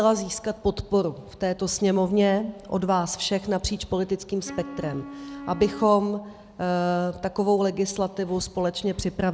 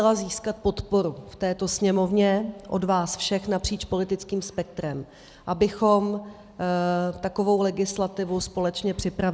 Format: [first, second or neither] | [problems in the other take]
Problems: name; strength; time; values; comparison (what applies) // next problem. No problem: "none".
second | background sound (Wind instrument, woodwind instrument); 14 dB below the speech